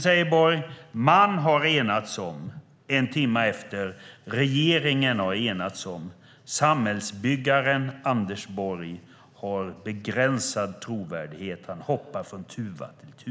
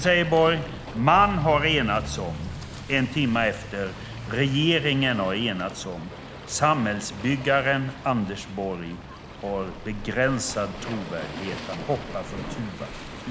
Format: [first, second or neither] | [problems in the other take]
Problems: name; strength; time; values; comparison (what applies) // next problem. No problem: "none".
first | background sound (Waves, surf + Accelerating, revving, vroom / Motor vehicle (road)); 11 dB below the speech